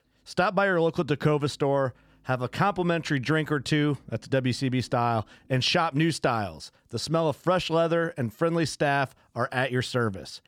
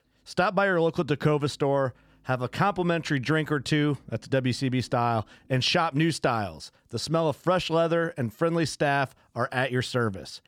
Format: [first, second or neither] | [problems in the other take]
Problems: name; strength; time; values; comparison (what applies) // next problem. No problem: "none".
neither | none